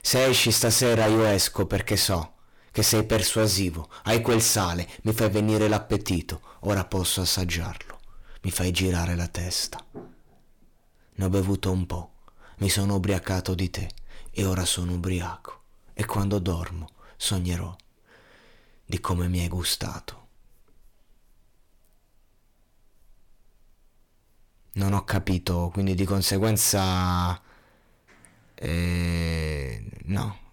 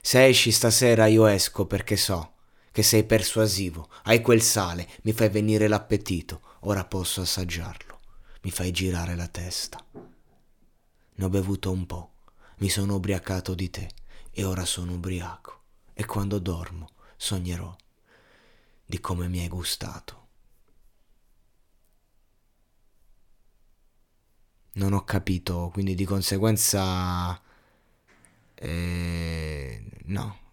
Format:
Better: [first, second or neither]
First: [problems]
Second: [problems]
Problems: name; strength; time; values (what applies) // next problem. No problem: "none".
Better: second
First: distortion; heavy; 7% of the sound clipped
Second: none